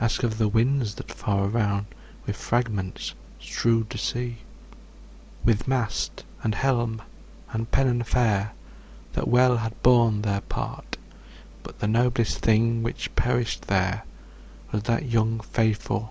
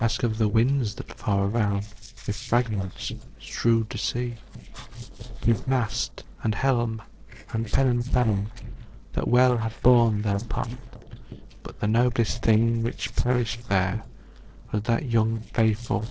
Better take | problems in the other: first | noise reduction (neural separator model SepFormer DNS4)

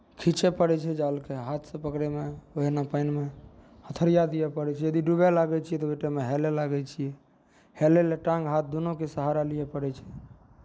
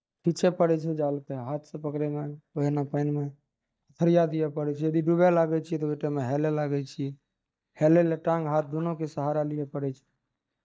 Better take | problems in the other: first | noise reduction (neural mask model DeepFilterNet 3)

